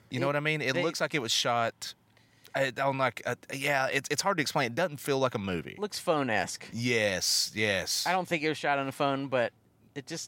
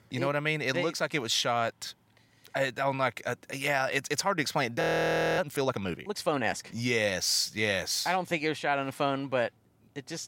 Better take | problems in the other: first | audio freezing; at 5 s for 0.5 s

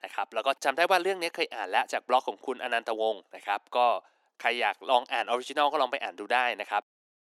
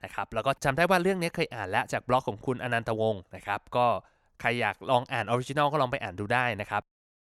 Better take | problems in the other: second | thin; somewhat; fading below 300 Hz

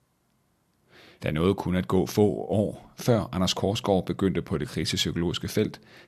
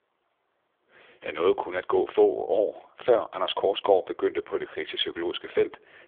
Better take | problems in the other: first | phone-call audio; poor line; nothing above 3.5 kHz

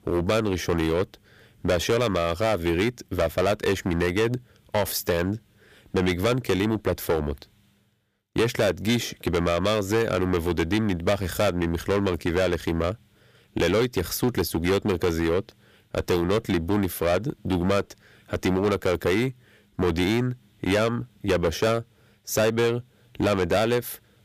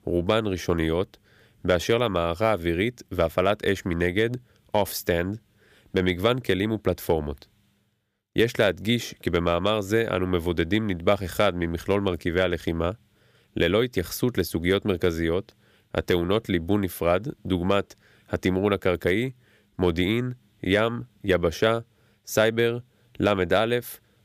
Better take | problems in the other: second | distortion; heavy; 9% of the sound clipped

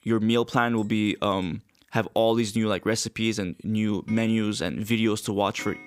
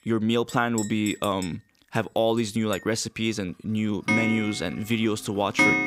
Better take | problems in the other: first | household noises; loud; throughout; 2 dB below the speech; faint in the first

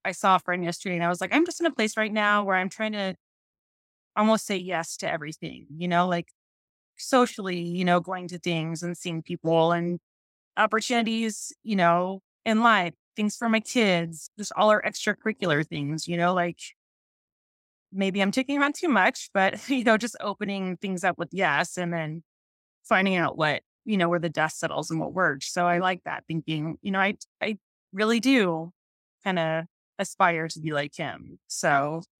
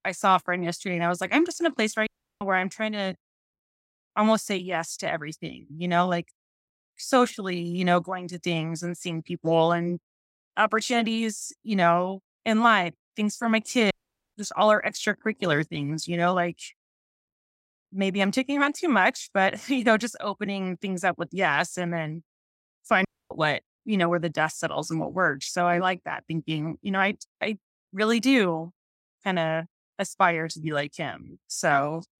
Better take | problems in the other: first | audio cutting out; at 2 s, at 14 s and at 23 s

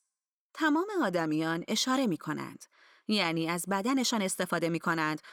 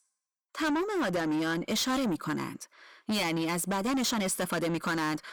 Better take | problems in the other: first | distortion; heavy; 8 dB below the speech

